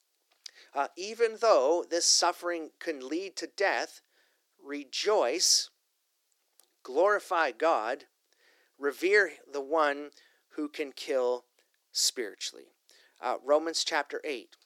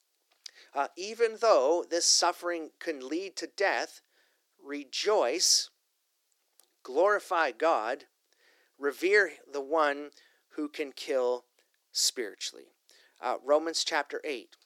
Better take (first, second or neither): neither